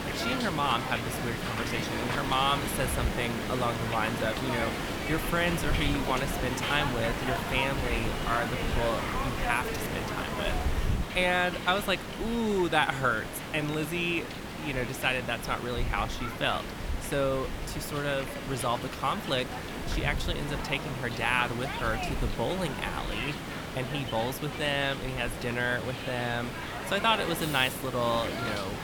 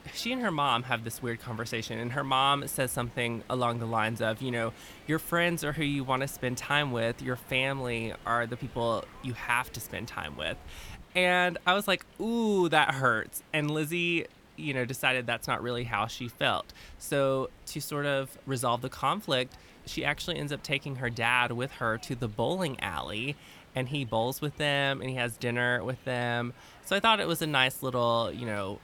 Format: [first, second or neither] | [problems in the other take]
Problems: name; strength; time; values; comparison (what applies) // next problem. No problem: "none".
second | hiss; loud; throughout; 3 dB below the speech; faint in the second